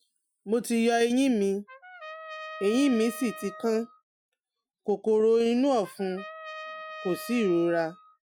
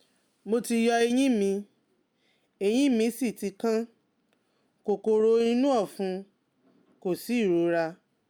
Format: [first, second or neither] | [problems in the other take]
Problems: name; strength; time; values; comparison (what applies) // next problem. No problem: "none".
second | noise reduction (classical method Wiener filter)